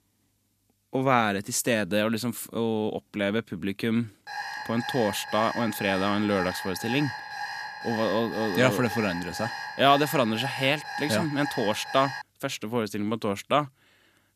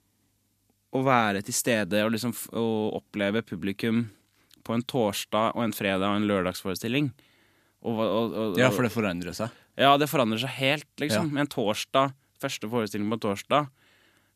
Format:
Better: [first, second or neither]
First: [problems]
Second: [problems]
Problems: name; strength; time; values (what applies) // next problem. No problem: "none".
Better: second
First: alarm; noticeable; from 4.5 to 12 s; peak 7 dB below the speech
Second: none